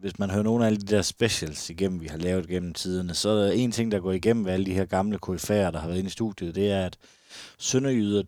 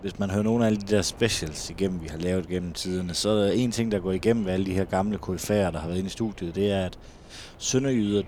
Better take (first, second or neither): first